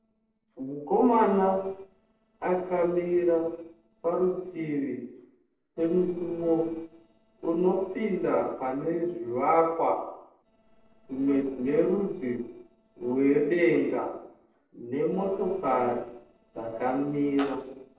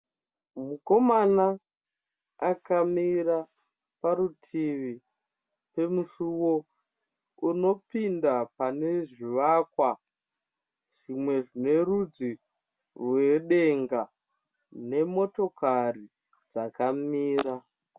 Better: second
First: noise reduction (neural separator model SepFormer DNS4)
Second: none

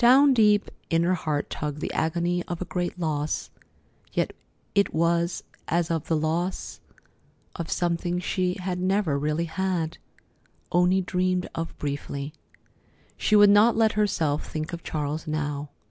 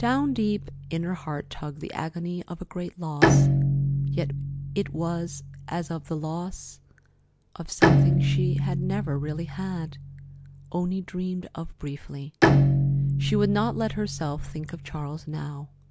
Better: first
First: none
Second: background sound (Bowed string instrument); 3 dB above the speech

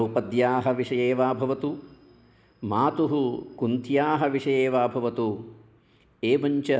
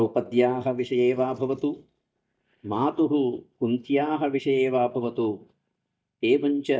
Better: first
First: none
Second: noise reduction (neural mask model DeepFilterNet 3)

